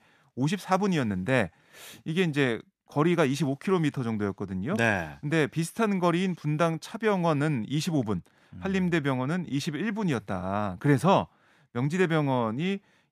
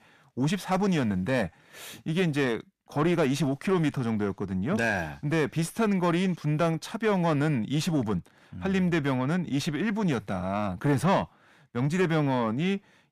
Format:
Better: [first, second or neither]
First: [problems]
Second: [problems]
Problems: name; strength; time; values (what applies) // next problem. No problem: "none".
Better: first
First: none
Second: distortion; slight; 10 dB below the speech